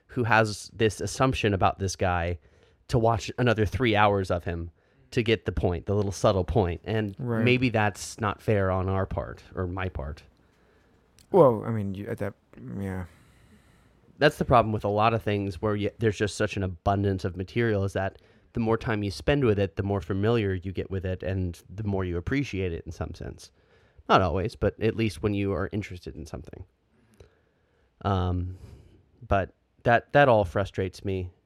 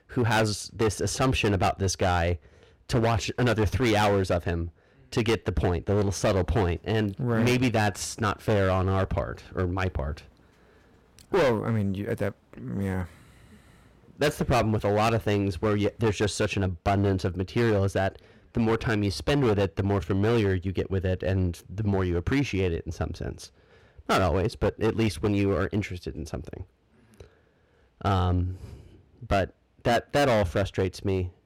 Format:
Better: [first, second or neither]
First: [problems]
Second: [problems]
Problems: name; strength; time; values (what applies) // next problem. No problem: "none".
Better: first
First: none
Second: distortion; heavy; 10% of the sound clipped